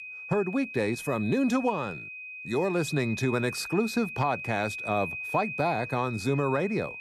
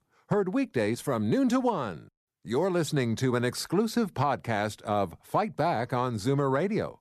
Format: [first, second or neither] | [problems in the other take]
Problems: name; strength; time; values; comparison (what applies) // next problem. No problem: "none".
second | high-pitched whine; loud; throughout; 2.5 kHz, 8 dB below the speech